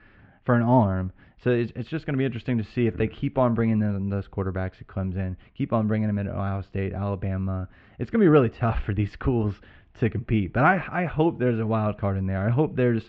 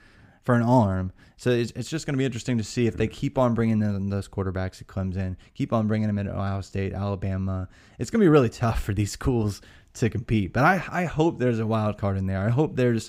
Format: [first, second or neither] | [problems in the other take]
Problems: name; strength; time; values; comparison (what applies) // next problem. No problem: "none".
second | muffled; very; fading above 3 kHz